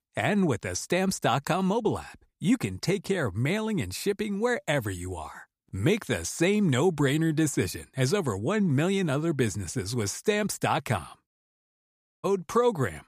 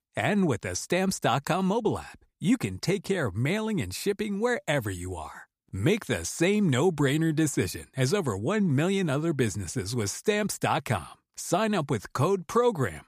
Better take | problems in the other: second | audio cutting out; at 11 s for 1 s

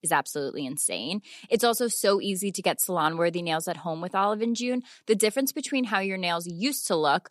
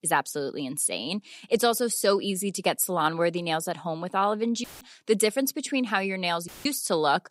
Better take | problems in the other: first | audio cutting out; filled with static; at 4.5 s and at 6.5 s

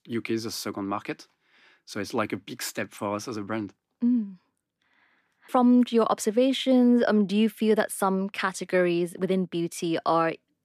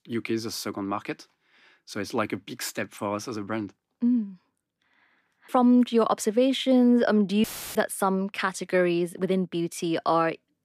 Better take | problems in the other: first | audio cutting out; filled with static; at 7.5 s

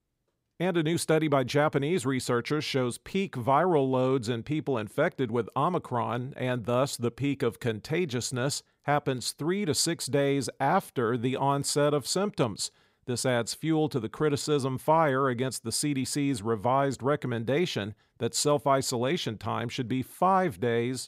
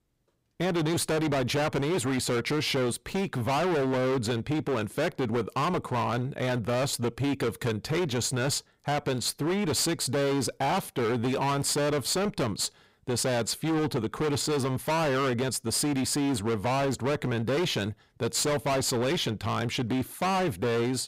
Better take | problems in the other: first | distortion; heavy; 29% of the sound clipped

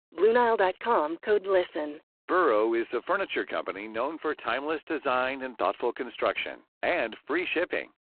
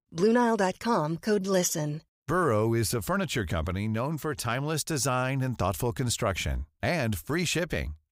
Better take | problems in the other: second | phone-call audio; poor line; nothing above 3.5 kHz

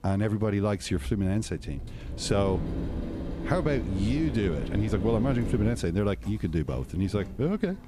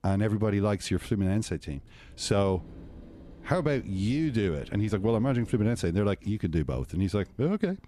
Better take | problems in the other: second | machinery noise; loud; throughout; 8 dB below the speech; faint in the second

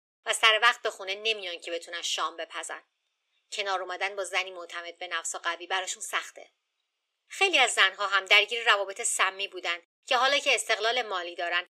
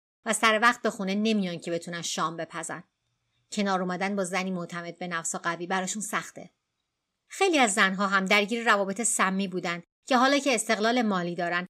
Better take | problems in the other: second | thin; very; fading below 400 Hz

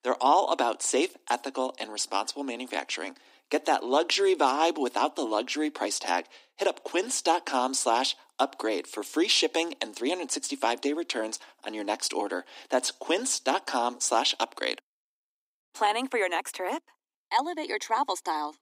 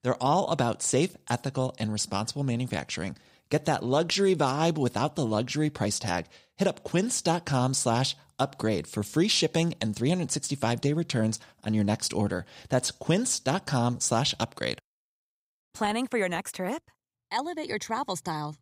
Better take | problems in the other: second | thin; somewhat; fading below 250 Hz

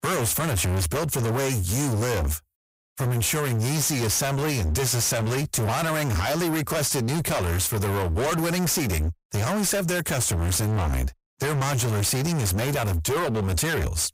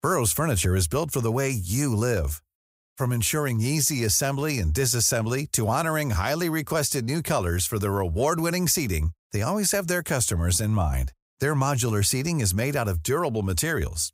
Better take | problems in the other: second | distortion; heavy; 45% of the sound clipped

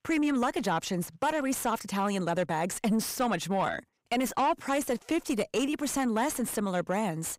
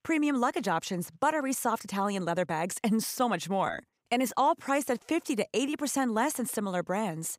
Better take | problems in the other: second | distortion; slight; 10 dB below the speech

